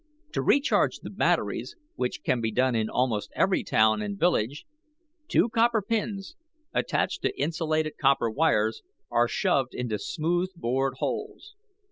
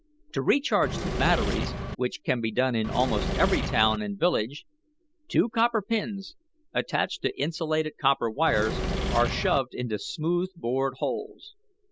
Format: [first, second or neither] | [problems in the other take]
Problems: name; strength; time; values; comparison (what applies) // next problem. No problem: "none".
first | background sound (Engine / Mechanisms); 2 dB below the speech